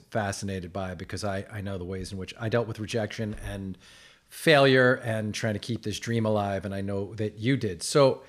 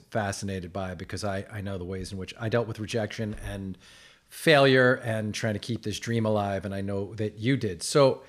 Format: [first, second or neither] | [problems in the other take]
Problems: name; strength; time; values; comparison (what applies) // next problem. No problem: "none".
neither | none